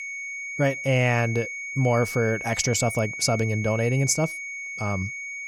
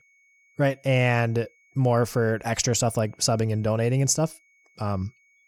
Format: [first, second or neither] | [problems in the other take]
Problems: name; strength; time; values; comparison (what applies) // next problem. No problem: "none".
second | high-pitched whine; loud; throughout; 2 kHz, 7 dB below the speech; faint in the second